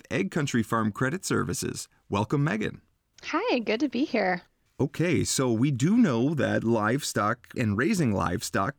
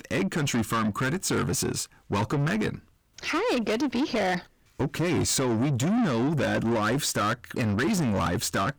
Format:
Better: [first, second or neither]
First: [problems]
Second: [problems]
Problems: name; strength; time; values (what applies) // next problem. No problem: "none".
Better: first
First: none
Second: distortion; heavy; 7 dB below the speech